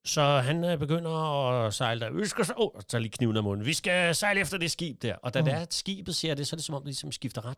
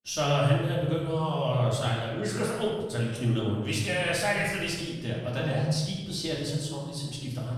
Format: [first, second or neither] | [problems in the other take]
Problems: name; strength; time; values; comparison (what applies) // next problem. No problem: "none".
first | off-mic speech; far // room echo; noticeable; dies away in 1.1 s